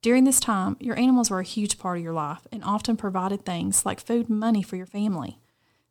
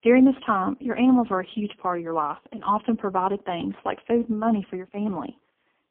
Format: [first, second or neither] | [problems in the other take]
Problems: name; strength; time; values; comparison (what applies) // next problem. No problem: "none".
first | phone-call audio; poor line; nothing above 3.5 kHz